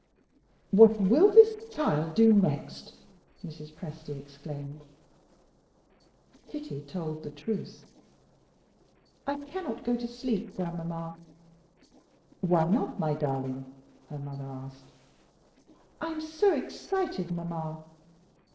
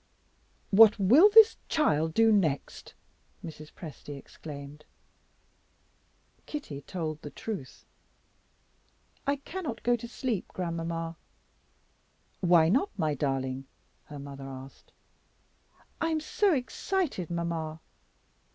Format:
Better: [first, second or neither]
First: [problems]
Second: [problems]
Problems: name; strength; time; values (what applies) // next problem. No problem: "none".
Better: second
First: noise reduction (neural separator model SepFormer DNS4)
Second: none